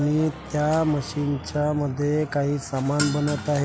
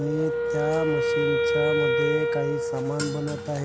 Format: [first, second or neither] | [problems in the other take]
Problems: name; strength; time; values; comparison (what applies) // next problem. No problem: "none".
first | background sound (Wind instrument, woodwind instrument); 4 dB above the speech